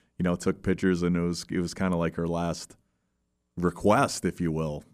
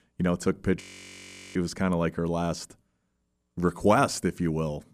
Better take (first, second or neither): first